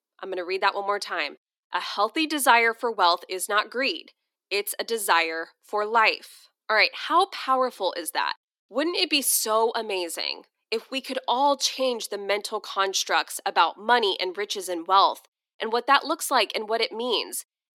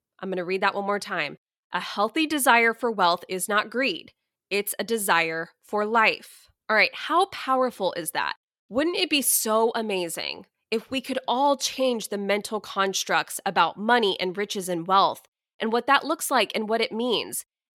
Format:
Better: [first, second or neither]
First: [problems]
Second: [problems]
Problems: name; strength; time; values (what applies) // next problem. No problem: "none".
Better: second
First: thin; very slightly; fading below 250 Hz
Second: none